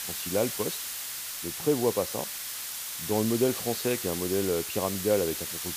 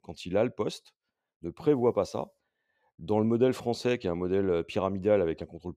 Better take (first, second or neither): second